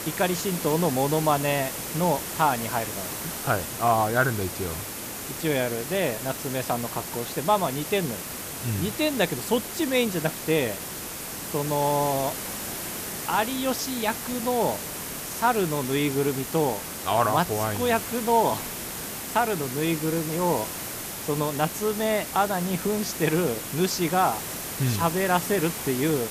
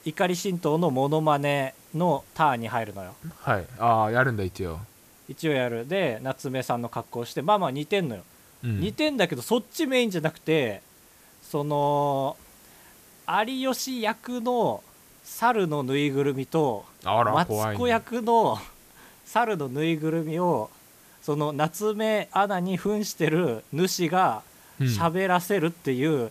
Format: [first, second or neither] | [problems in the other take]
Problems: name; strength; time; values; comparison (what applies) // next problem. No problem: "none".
second | hiss; loud; throughout; 6 dB below the speech; faint in the second